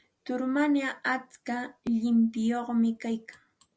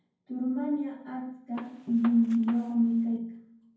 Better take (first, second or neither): first